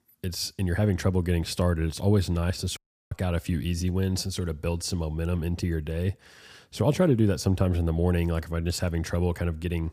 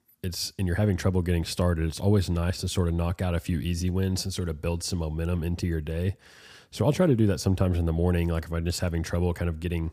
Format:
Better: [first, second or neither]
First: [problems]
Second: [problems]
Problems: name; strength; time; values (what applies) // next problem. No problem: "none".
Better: second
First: audio cutting out; at 3 s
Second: none